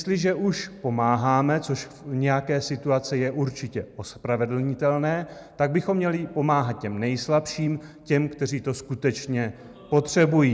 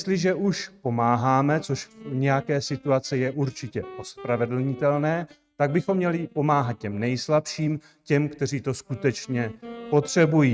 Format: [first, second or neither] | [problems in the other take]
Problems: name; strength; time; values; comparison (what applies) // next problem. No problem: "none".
first | noise reduction (neural mask model RNNoise)